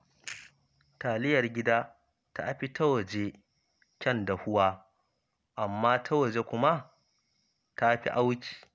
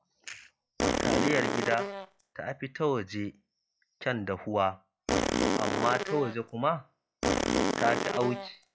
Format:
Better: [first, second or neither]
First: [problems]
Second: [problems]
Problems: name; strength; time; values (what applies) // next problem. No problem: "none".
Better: first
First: none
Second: noise reduction (classical method log-MMSE)